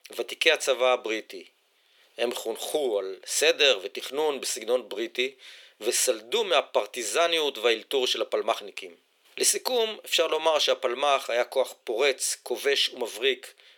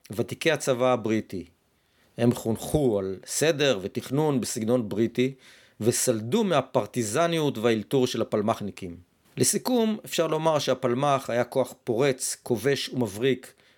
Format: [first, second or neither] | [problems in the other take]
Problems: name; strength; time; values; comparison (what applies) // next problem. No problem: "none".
second | thin; very; fading below 450 Hz